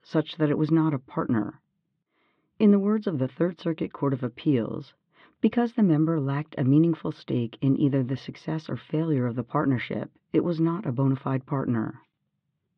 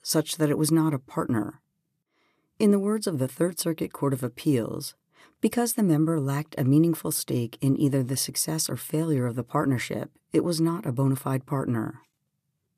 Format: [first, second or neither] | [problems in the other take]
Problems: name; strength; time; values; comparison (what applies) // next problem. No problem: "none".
second | muffled; very; fading above 3.5 kHz